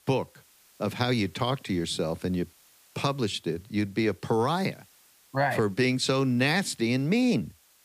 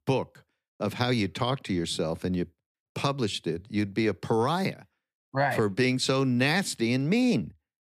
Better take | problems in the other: second | hiss; faint; throughout; 30 dB below the speech

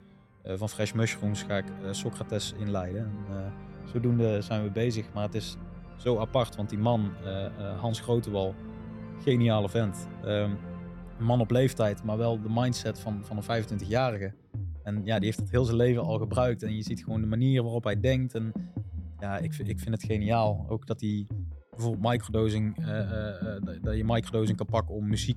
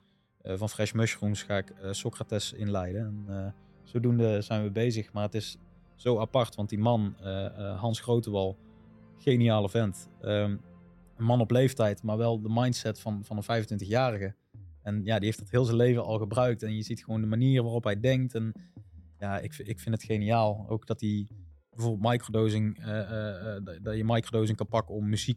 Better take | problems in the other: second | background music; loud; throughout; 10 dB below the speech; faint in the second

